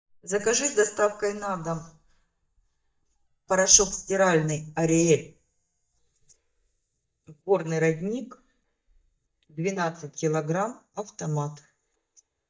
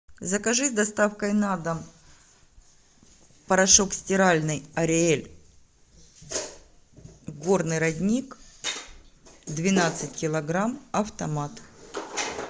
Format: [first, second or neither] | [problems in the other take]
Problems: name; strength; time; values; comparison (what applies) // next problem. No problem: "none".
second | noise reduction (neural mask model DeepFilterNet 3)